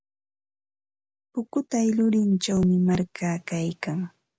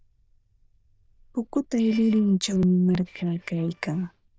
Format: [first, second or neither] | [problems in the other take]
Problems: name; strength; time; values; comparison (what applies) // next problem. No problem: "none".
first | noise reduction (neural diffusion model UNIVERSE++)